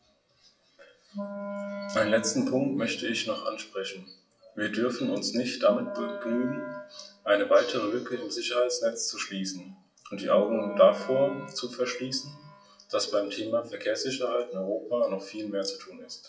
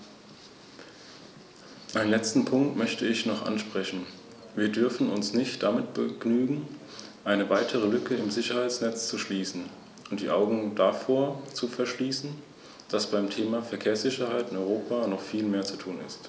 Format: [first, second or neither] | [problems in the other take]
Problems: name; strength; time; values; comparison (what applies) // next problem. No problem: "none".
second | noise reduction (classical method WPE with log-MMSE)